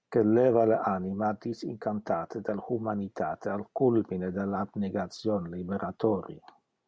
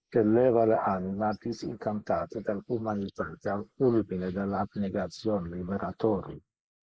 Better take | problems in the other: first | noise reduction (neural mask model Resemble Enhance denoiser)

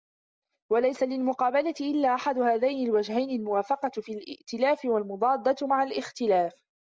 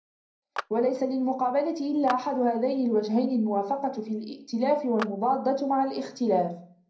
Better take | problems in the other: first | background sound (Clapping); 16 dB below the speech // room echo; dies away in 0.5 s

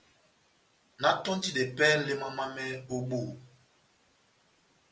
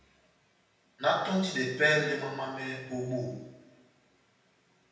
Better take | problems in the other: first | room echo; dies away in 0.9 s

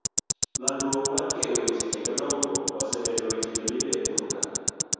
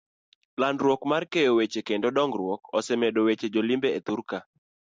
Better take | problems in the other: second | background sound (Tick-tock); 1 dB above the speech // room echo; dies away in 2.2 s

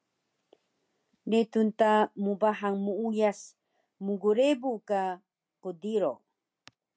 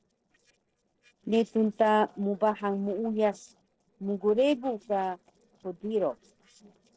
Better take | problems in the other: first | noise reduction (neural separator model SepFormer DNS4)

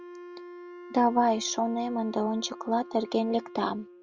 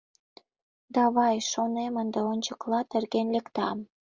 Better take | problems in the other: second | background sound (Wind instrument, woodwind instrument); 16 dB below the speech

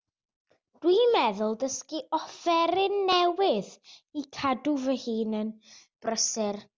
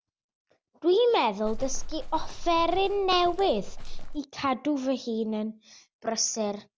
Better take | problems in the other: first | background sound (Livestock, farm animals, working animals); 4 dB below the speech

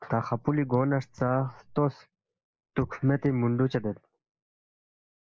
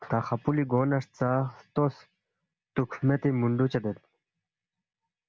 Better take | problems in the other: second | noise reduction (neural mask model Resemble Enhance denoiser)

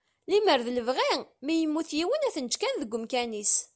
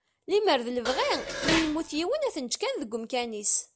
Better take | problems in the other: first | background sound (Dishes, pots, and pans); 4 dB below the speech

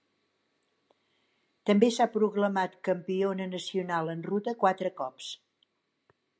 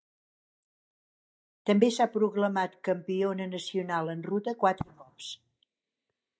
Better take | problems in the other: first | noise reduction (neural mask model DeepFilterNet 3)

